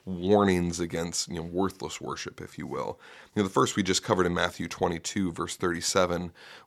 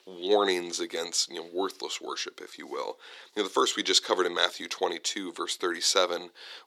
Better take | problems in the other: first | thin; somewhat; fading below 350 Hz

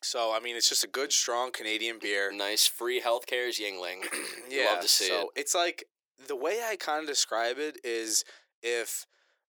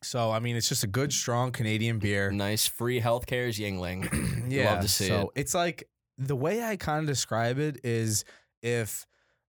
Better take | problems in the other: second | thin; very; fading below 350 Hz

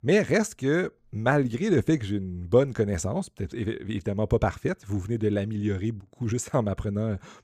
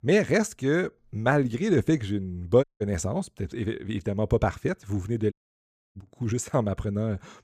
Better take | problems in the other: first | audio cutting out; at 2.5 s and at 5.5 s for 0.5 s

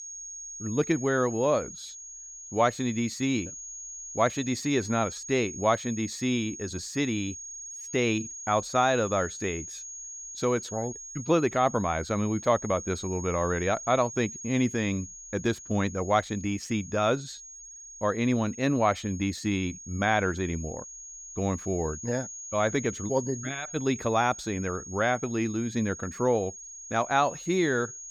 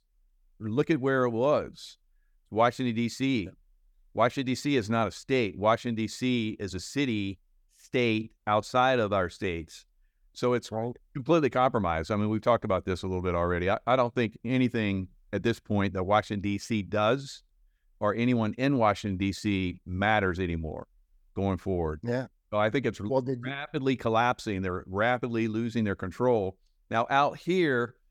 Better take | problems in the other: second | high-pitched whine; noticeable; throughout; 6.5 kHz, 10 dB below the speech

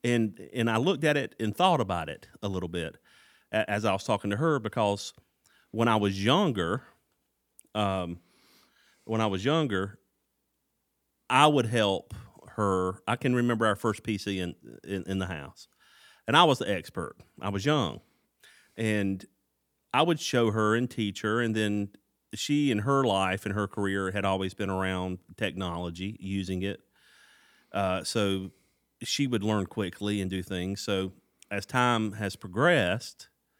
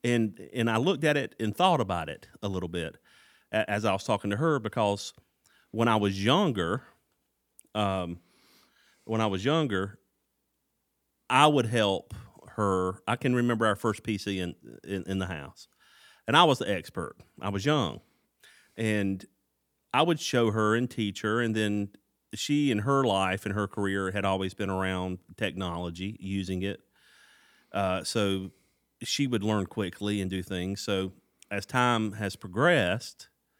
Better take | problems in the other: neither | none

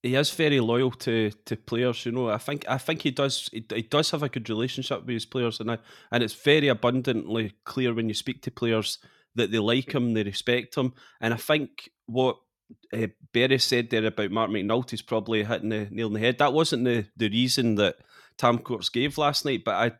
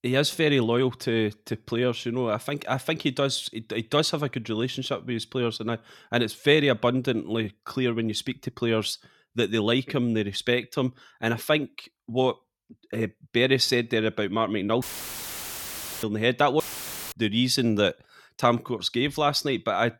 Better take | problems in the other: first | audio cutting out; filled with static; at 15 s for 1 s and at 17 s for 0.5 s

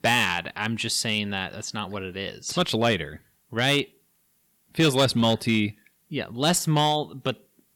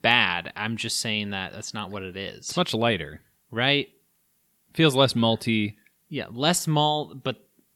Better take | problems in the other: second | distortion; slight; 2% of the sound clipped

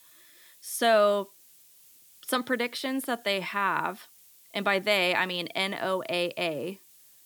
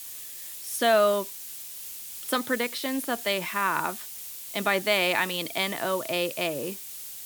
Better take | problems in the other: first | hiss; loud; throughout; 10 dB below the speech; faint in the first

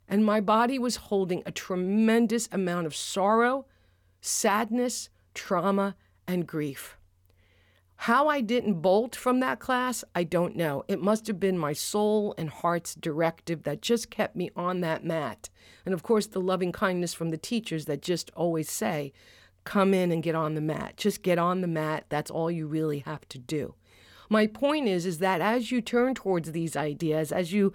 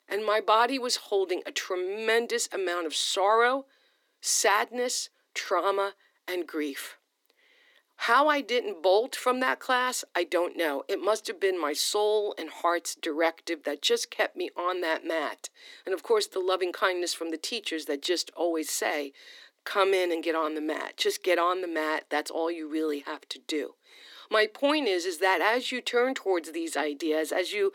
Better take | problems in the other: first | thin; somewhat; fading below 250 Hz

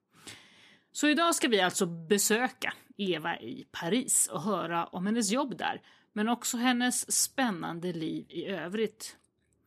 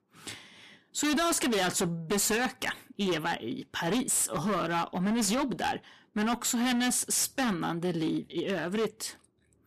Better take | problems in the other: first | distortion; heavy; 18% of the sound clipped

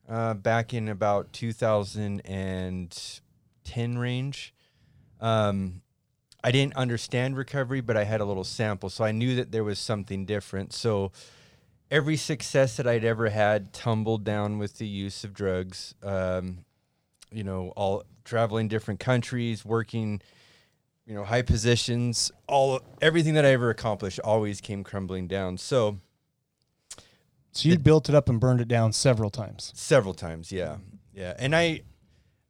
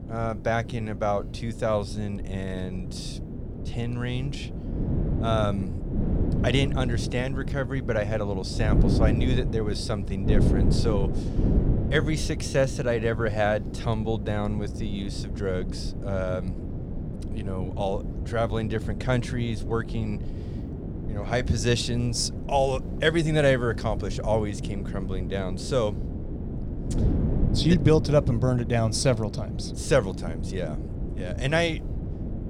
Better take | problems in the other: first | wind noise on the microphone; occasional gusts; 10 dB below the speech

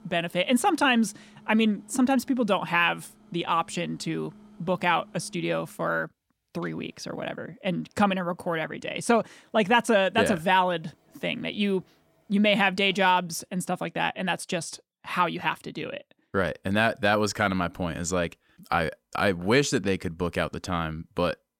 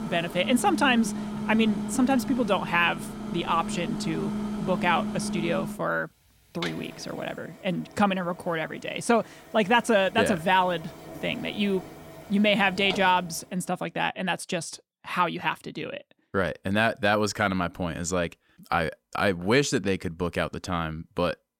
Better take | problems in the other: first | household noises; loud; until 13 s; 9 dB below the speech; faint in the first

